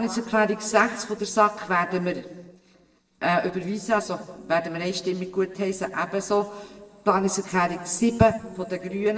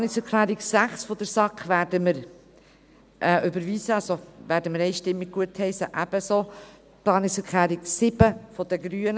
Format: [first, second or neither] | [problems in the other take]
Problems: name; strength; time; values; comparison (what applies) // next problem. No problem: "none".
second | noise reduction (neural separator model SepFormer DNS4)